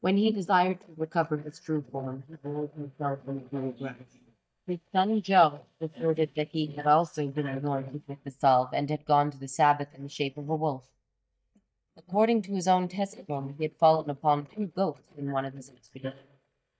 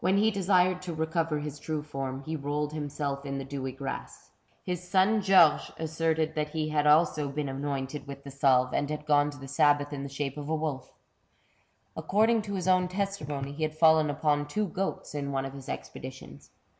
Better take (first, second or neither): second